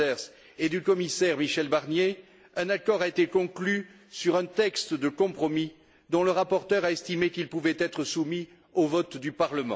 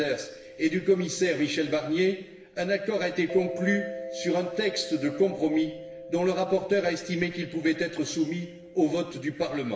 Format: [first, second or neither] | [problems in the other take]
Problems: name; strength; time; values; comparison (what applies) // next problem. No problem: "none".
first | background sound (Mallet percussion); 14 dB below the speech // room echo; dies away in 1 s